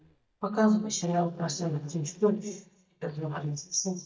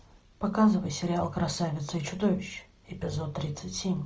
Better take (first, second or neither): second